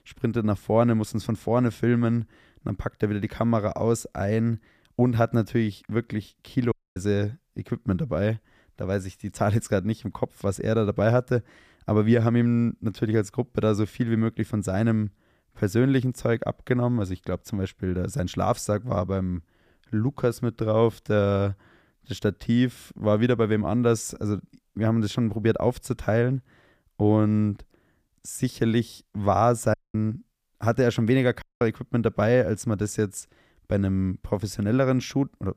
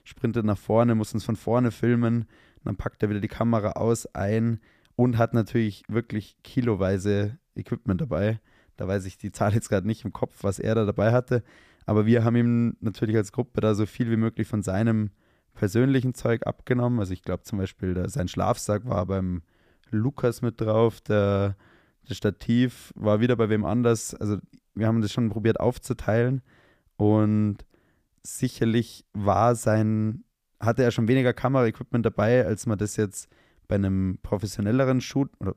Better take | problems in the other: second | audio cutting out; at 6.5 s, at 30 s and at 31 s

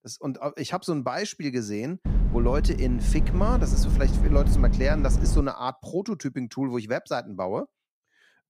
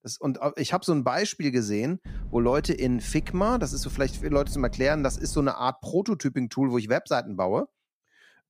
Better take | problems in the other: second | low rumble; loud; from 2 to 5.5 s; 8 dB below the speech; faint in the second

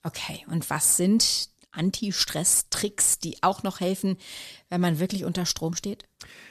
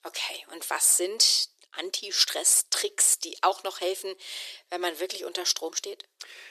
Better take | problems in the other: first | thin; very; fading below 350 Hz

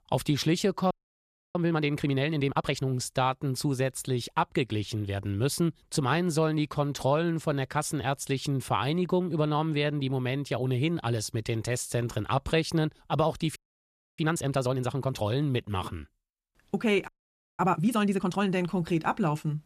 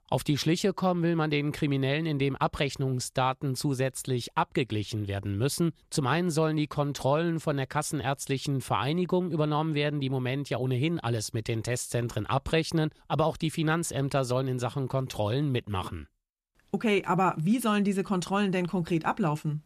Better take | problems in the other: second | audio freezing; at 1 s for 0.5 s, at 14 s for 0.5 s and at 17 s for 0.5 s

